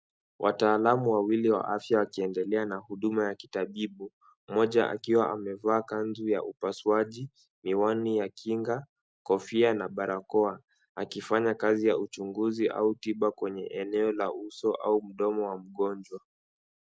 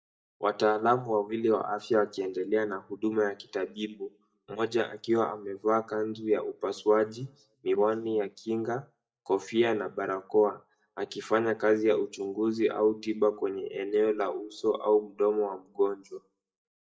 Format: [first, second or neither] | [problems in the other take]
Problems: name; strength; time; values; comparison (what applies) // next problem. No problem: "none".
first | noise reduction (neural mask model DeepFilterNet 3)